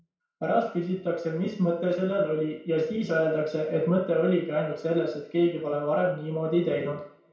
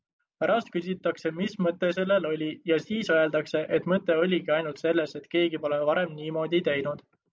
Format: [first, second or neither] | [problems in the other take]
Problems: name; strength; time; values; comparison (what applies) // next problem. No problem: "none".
second | room echo; dies away in 0.6 s